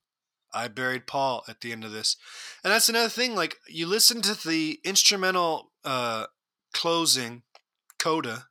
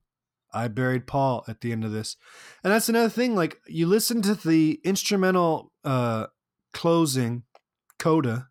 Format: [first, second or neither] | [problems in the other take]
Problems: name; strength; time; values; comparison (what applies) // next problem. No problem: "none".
second | thin; somewhat; fading below 850 Hz